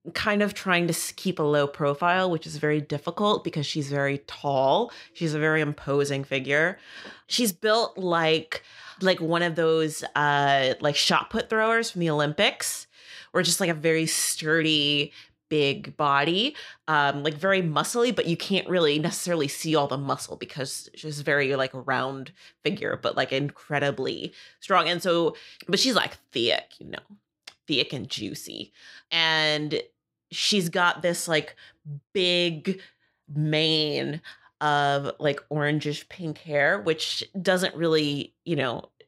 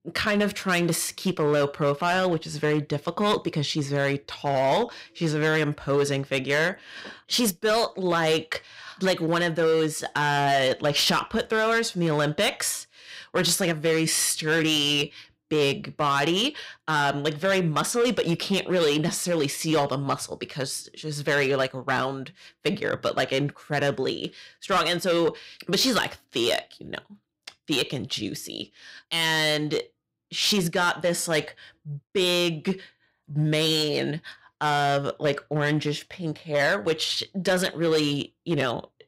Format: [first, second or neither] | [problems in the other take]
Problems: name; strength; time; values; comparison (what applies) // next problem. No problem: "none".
first | distortion; slight; 7% of the sound clipped